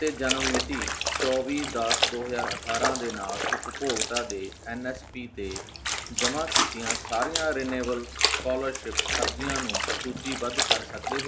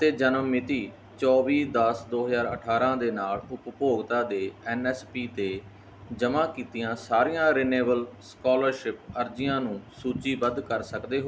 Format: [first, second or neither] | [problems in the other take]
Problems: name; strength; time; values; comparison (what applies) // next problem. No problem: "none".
second | background sound (Trickle, dribble / Splash, splatter); 2 dB above the speech